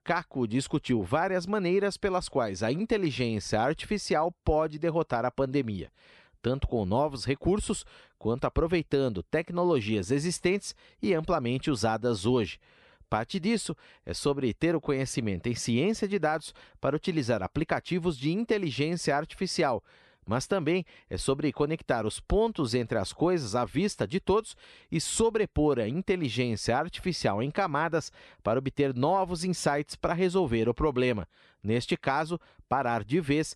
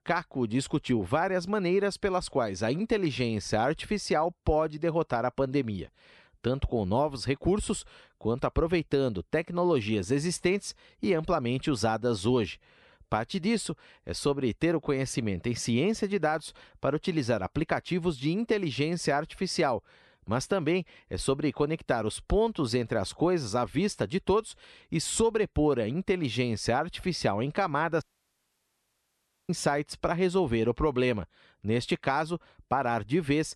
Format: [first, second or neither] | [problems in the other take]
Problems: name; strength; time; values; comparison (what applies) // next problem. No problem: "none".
first | audio cutting out; at 28 s for 1.5 s